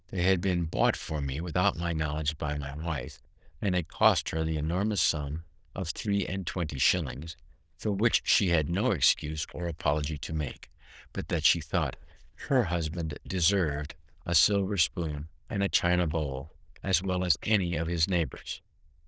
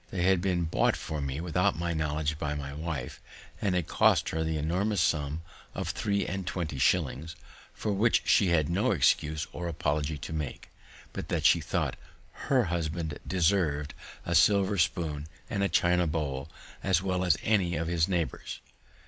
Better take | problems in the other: second | noise reduction (neural diffusion model UNIVERSE++)

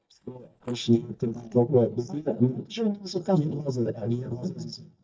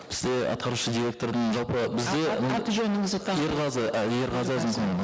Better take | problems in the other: second | noise reduction (neural mask model DeepFilterNet 3)

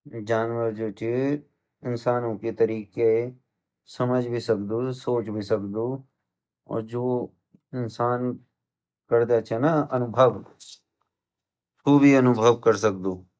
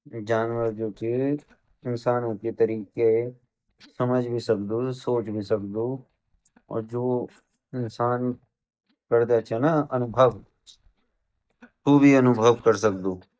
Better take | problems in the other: first | noise reduction (neural mask model DeepFilterNet 3)

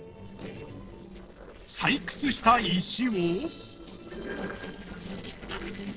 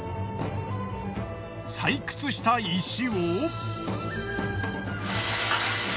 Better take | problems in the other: second | noise reduction (neural separator model SepFormer DNS4)

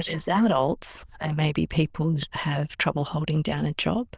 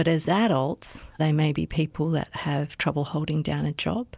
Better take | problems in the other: second | noise reduction (neural diffusion model UNIVERSE++)

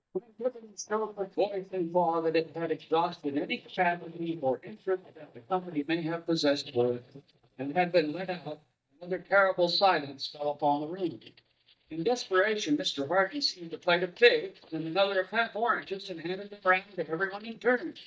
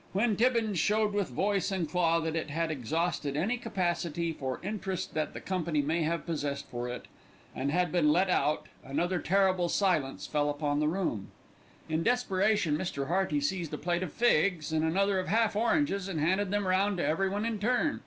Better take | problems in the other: second | noise reduction (neural mask model DeepFilterNet 3)

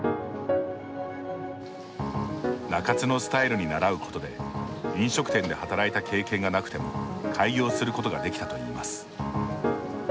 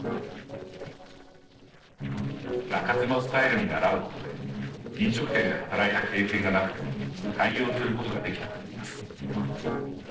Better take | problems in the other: first | noise reduction (neural separator model SepFormer DNS4)

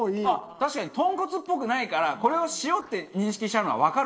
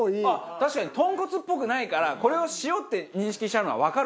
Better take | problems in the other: second | noise reduction (neural separator model SepFormer DNS4)

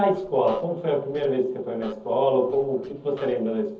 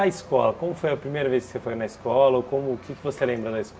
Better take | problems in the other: second | noise reduction (neural separator model SepFormer DNS4)

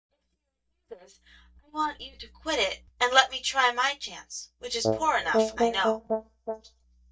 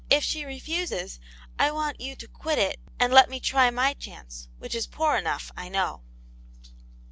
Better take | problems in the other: second | noise reduction (neural mask model DeepFilterNet 3)

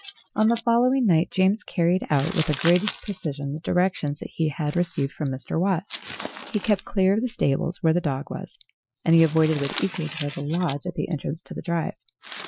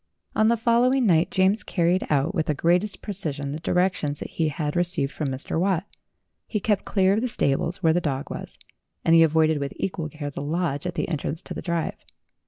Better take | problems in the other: second | noise reduction (classical method Wiener filter)

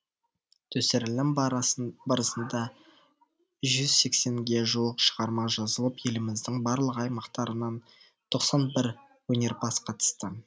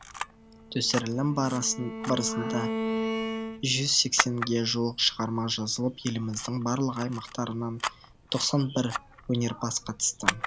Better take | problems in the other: first | background sound (Bowed string instrument + Camera); 6 dB below the speech

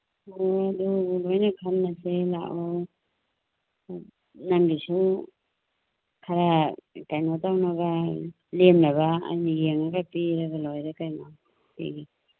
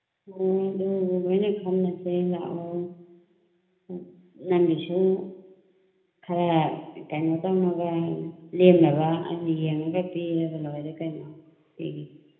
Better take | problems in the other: first | room echo; dies away in 1.1 s

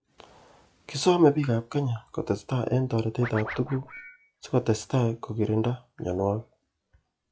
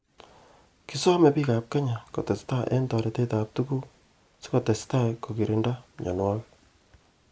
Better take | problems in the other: second | noise reduction (classical method log-MMSE)

